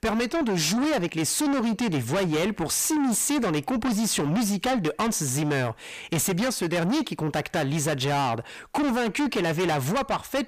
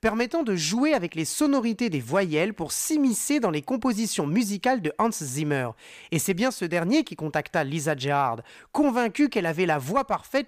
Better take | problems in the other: second | distortion; heavy; 6 dB below the speech

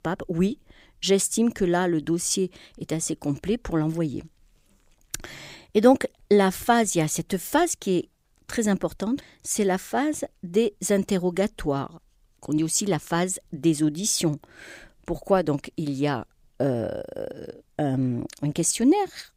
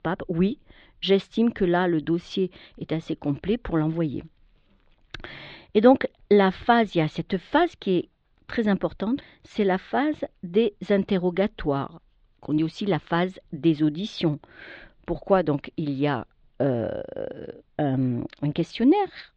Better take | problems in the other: first | muffled; very; fading above 4 kHz

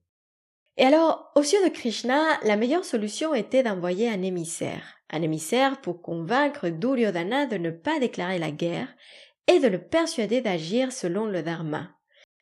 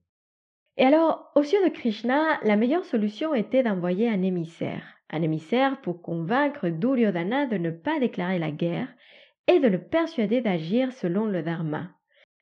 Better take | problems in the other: first | muffled; slightly; fading above 3 kHz

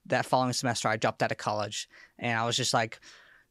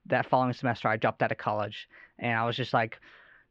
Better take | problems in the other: first | muffled; very; fading above 3 kHz

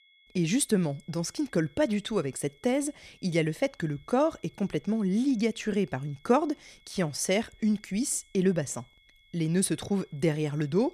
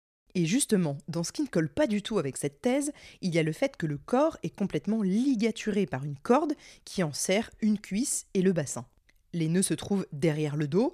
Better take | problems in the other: second | high-pitched whine; faint; throughout; 2 kHz, 30 dB below the speech

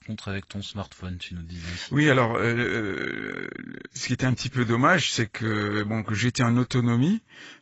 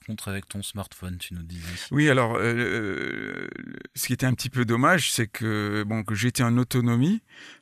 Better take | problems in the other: second | garbled, watery; badly; nothing above 7.5 kHz

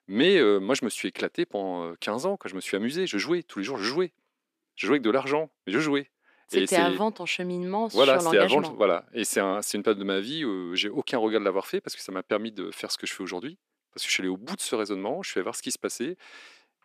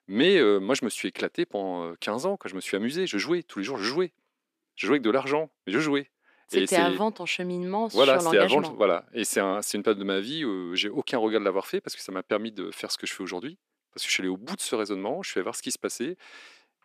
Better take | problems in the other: neither | thin; somewhat; fading below 300 Hz; the same in both

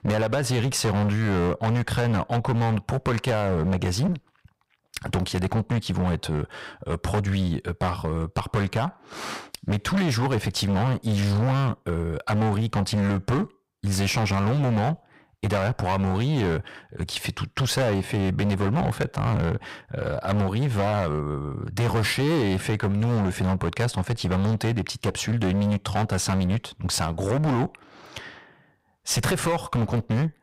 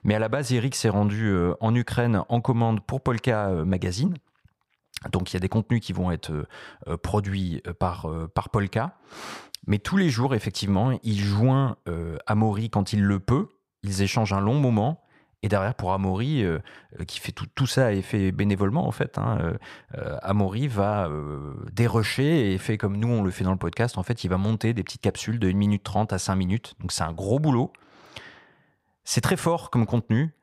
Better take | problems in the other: second | distortion; heavy; 23% of the sound clipped

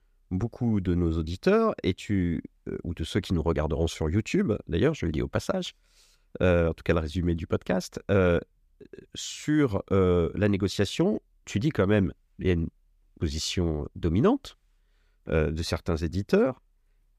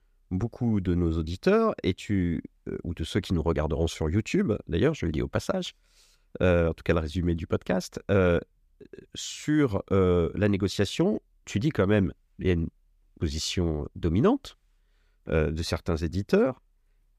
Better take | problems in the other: neither | none

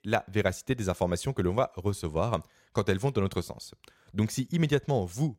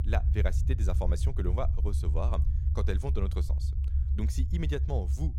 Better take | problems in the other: first | low rumble; loud; throughout; 8 dB below the speech

